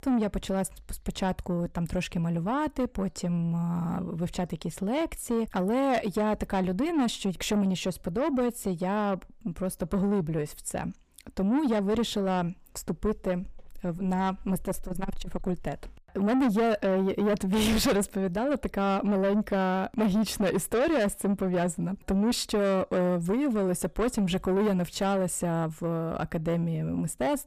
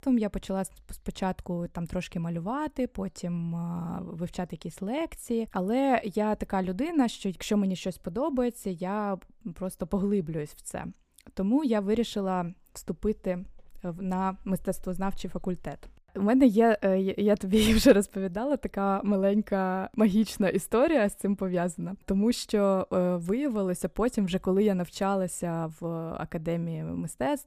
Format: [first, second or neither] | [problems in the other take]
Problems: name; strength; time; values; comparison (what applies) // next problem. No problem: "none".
second | distortion; heavy; 7 dB below the speech